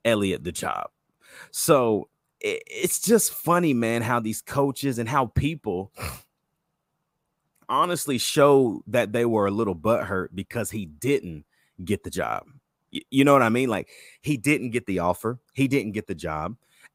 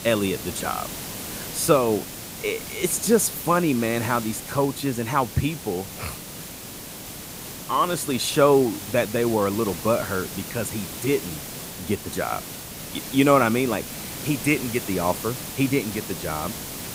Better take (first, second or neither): first